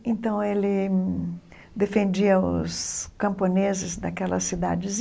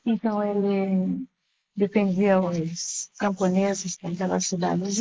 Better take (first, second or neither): first